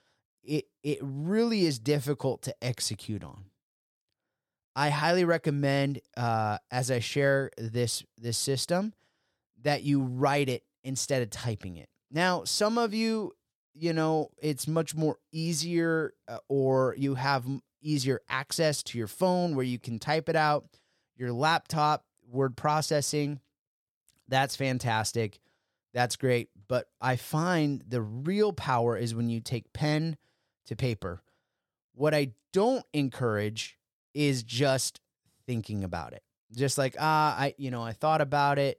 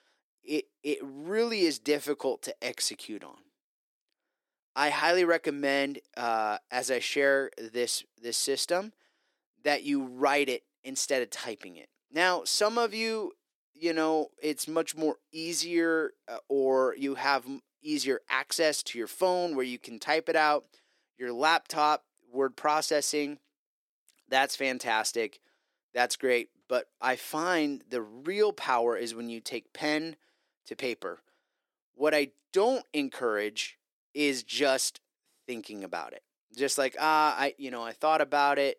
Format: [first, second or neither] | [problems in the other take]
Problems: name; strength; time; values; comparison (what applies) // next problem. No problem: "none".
first | thin; somewhat; fading below 300 Hz